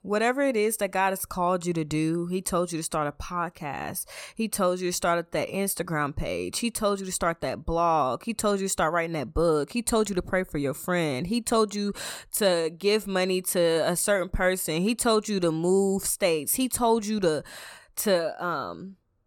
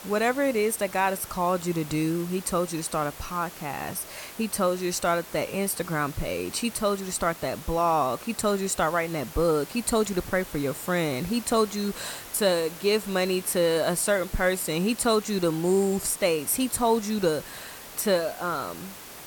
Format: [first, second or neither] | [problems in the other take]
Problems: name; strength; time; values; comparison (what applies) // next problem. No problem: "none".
first | hiss; noticeable; throughout; 15 dB below the speech